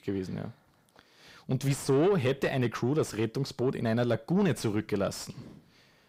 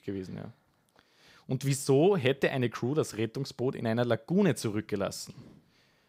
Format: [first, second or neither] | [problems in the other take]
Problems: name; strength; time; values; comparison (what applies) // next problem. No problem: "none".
second | distortion; slight; 10 dB below the speech